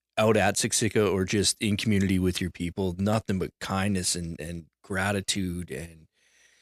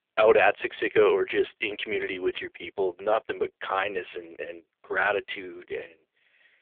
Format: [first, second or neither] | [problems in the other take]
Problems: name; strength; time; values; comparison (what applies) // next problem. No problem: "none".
first | phone-call audio; poor line